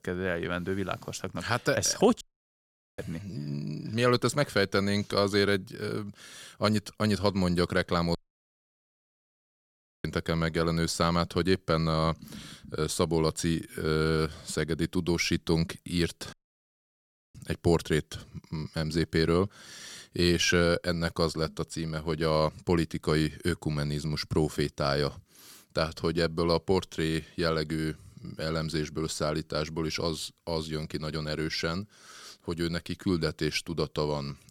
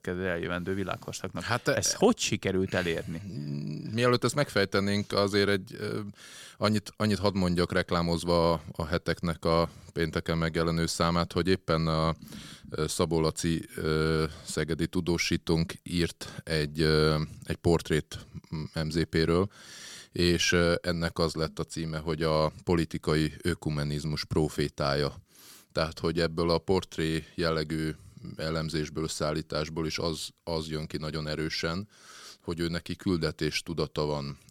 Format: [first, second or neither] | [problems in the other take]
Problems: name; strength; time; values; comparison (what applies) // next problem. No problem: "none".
second | audio cutting out; at 2 s for 1 s, at 8 s for 2 s and at 16 s for 1 s